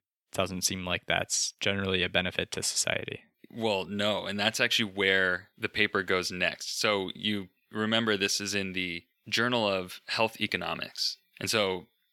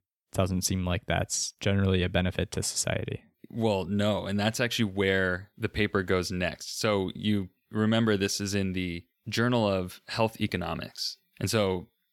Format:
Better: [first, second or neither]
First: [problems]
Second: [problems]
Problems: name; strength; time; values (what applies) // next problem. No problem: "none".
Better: second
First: thin; very slightly; fading below 300 Hz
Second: none